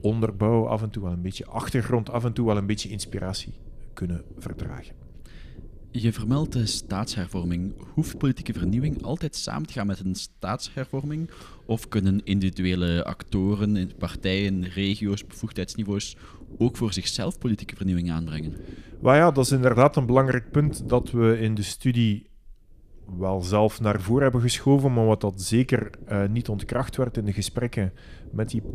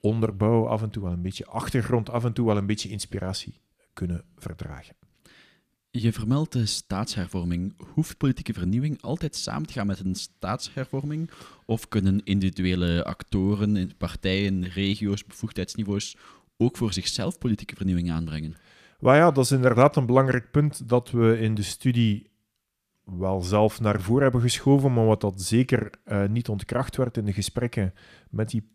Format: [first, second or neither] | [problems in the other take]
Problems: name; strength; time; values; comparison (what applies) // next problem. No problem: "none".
second | low rumble; faint; throughout; 20 dB below the speech